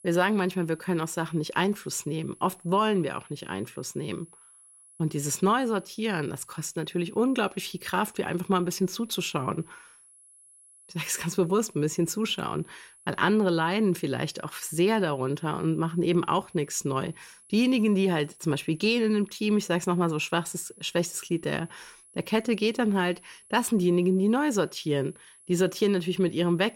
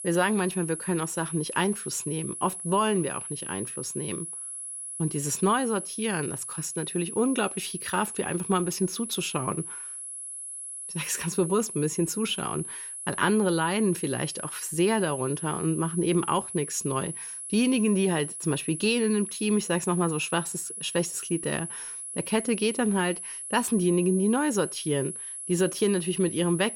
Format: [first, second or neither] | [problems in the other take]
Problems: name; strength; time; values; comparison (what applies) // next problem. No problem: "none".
first | high-pitched whine; loud; throughout; 10.5 kHz, 7 dB below the speech; faint in the first